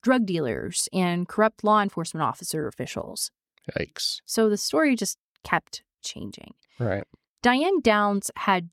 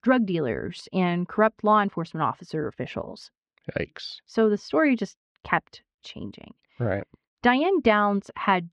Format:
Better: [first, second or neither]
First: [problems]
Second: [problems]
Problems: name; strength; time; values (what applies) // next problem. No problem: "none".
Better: first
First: none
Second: muffled; slightly; fading above 3 kHz